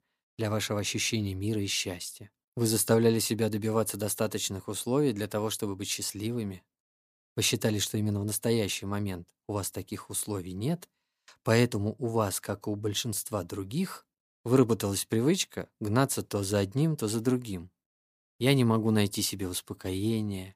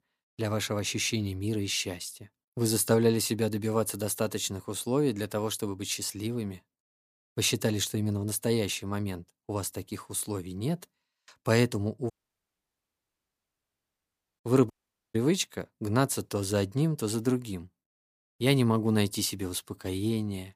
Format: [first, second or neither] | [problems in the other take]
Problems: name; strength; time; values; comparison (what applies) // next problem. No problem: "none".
first | audio cutting out; at 12 s for 2.5 s and at 15 s